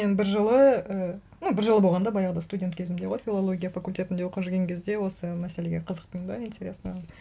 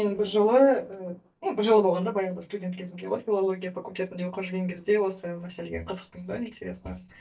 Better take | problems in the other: first | noise reduction (neural mask model DeepFilterNet 3)

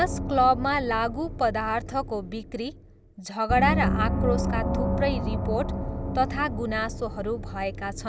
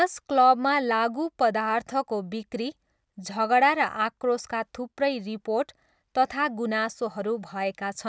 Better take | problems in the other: second | background sound (Gong); 2 dB below the speech

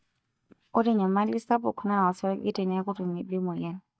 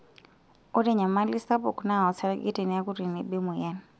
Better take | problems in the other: second | noise reduction (neural mask model DeepFilterNet 3)

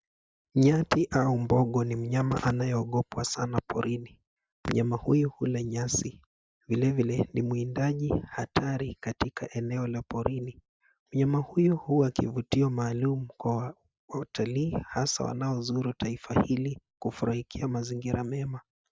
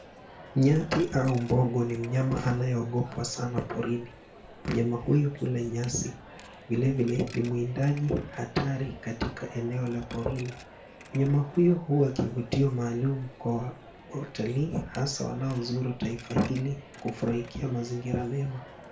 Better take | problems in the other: first | background sound (Coin (dropping)); 19 dB below the speech // room echo; dies away in 0.3 s

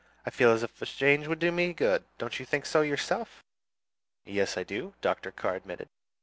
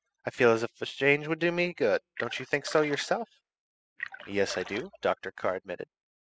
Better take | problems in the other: first | noise reduction (classical method spectral subtraction)

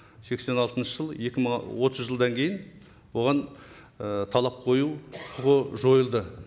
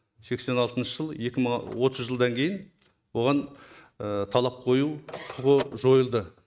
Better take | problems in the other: first | noise reduction (neural mask model RNNoise)

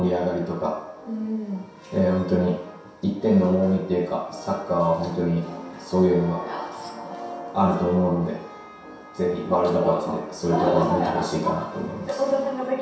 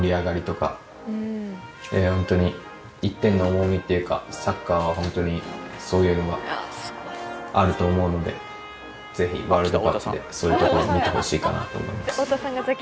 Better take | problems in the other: second | room echo; dies away in 0.7 s

